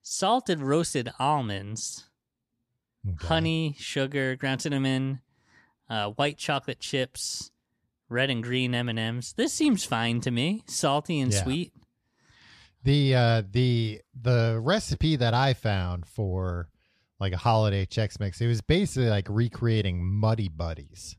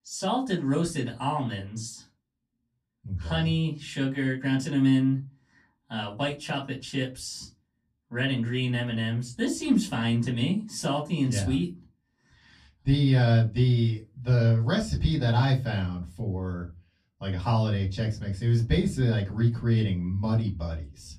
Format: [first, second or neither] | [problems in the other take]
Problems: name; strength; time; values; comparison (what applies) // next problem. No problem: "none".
first | off-mic speech; far // room echo; very slight; dies away in 0.2 s